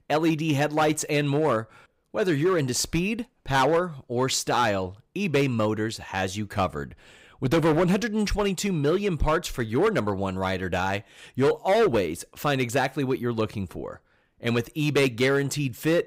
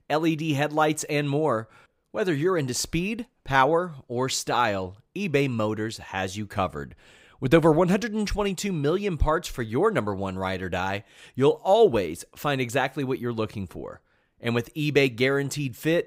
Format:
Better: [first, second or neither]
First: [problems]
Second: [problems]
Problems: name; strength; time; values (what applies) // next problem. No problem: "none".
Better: second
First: distortion; slight; 5% of the sound clipped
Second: none